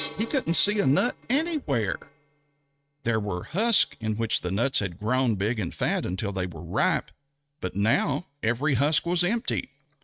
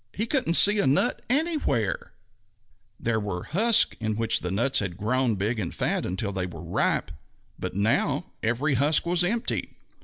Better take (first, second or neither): second